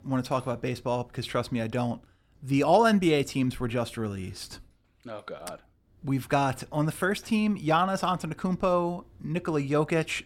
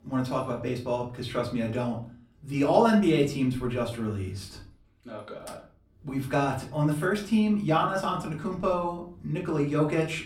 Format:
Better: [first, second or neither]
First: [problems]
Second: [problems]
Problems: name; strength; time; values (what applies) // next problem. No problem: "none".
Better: first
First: none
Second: off-mic speech; far // room echo; slight; dies away in 0.3 s